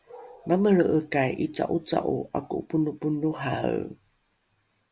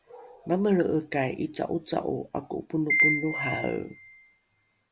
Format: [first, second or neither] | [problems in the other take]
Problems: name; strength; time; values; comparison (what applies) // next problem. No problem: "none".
first | background sound (Piano); as loud as the speech